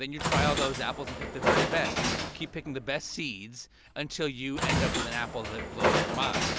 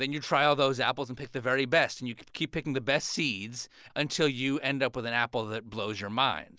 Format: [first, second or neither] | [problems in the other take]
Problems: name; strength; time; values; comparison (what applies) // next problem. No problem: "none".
second | background sound (Train); 3 dB above the speech